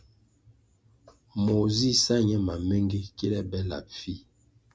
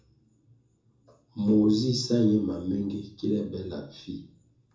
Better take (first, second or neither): first